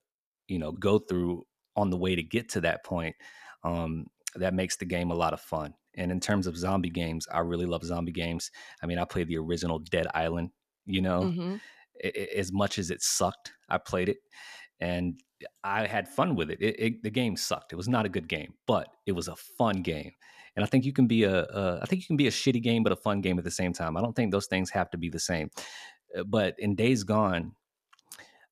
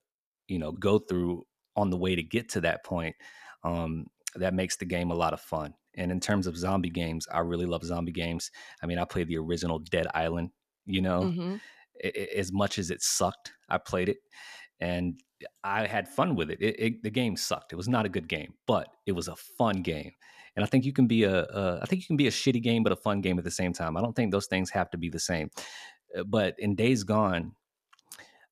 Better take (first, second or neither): neither